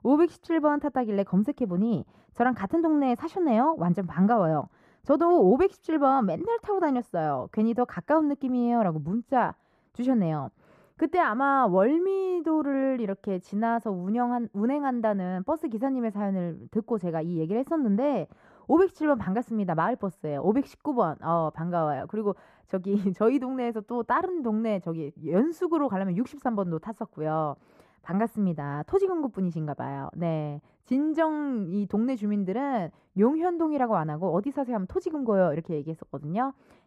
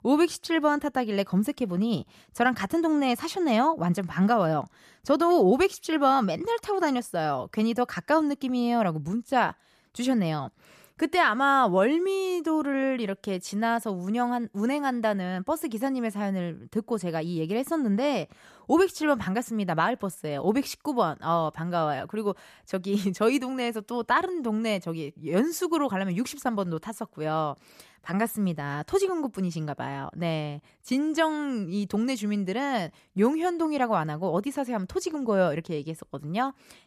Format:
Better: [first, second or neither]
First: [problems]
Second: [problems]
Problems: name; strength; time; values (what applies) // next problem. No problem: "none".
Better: second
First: muffled; very; fading above 2 kHz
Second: none